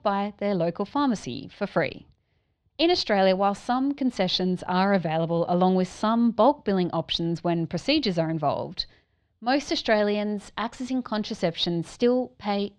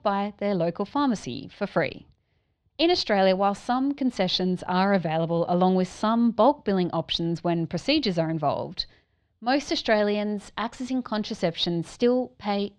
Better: neither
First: muffled; slightly; fading above 4 kHz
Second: muffled; slightly; fading above 4 kHz

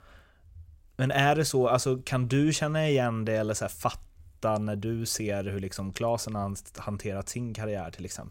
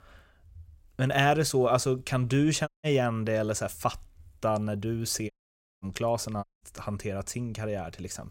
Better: first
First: none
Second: audio cutting out; at 2.5 s, at 5.5 s for 0.5 s and at 6.5 s

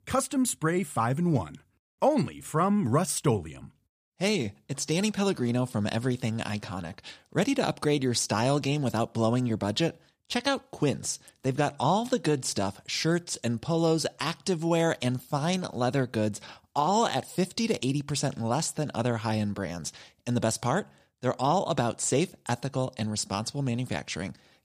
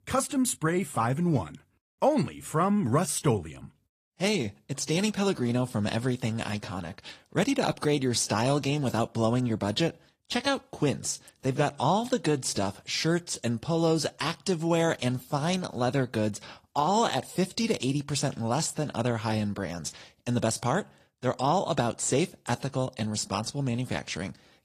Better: first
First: none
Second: garbled, watery; slightly; nothing above 14.5 kHz

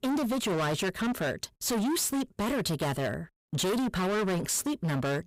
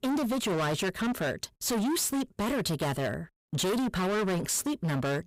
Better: neither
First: distortion; heavy; 32% of the sound clipped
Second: distortion; heavy; 32% of the sound clipped

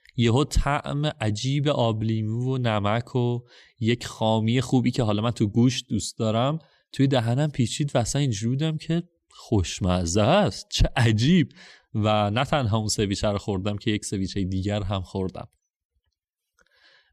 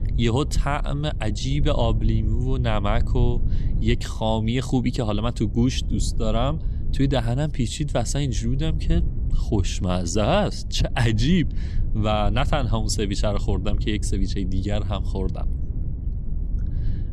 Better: first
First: none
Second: low rumble; noticeable; throughout; 15 dB below the speech

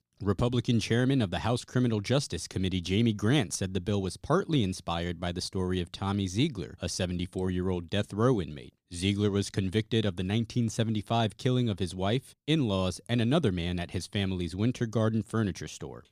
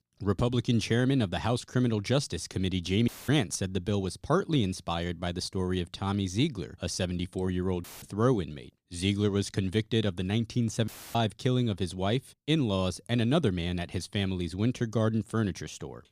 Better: first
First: none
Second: audio cutting out; filled with static; at 3 s, at 8 s and at 11 s

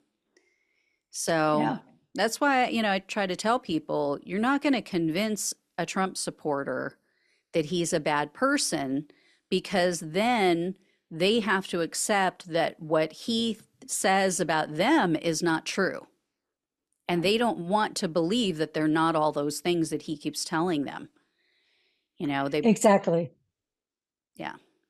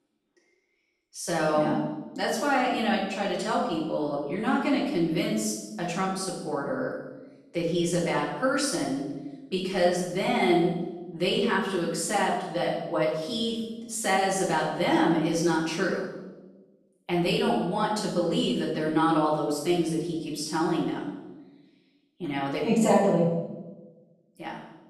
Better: first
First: none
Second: room echo; noticeable; dies away in 0.9 s // off-mic speech; far

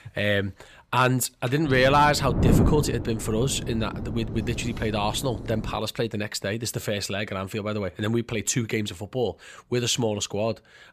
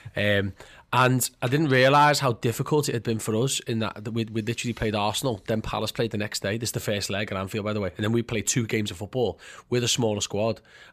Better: second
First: wind noise on the microphone; heavy; from 1.5 to 6 s; 10 dB below the speech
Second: none

